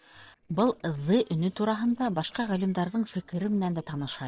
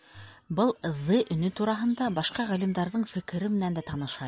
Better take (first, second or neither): second